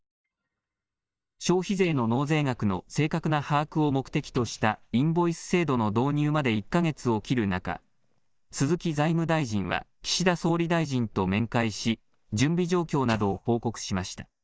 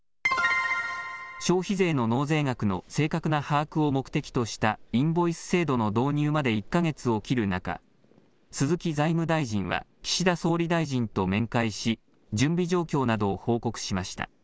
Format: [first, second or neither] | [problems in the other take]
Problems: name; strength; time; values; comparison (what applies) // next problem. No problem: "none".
second | noise reduction (neural mask model DeepFilterNet 3)